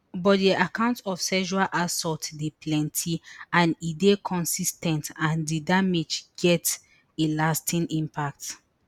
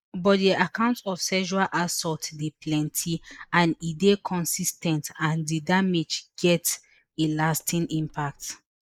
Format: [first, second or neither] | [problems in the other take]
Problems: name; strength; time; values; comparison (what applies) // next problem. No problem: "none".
first | noise reduction (neural mask model Resemble Enhance denoiser)